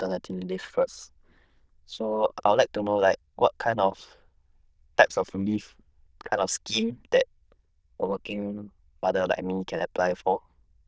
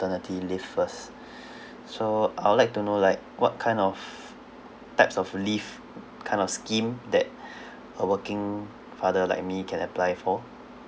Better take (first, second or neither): second